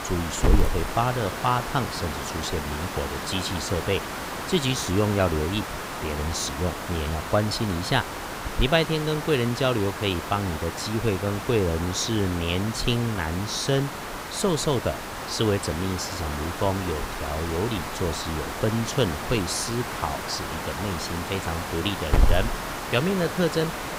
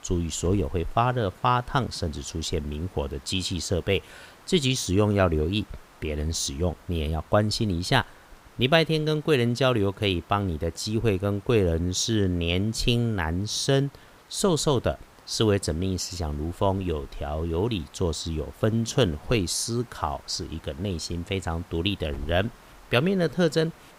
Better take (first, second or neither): second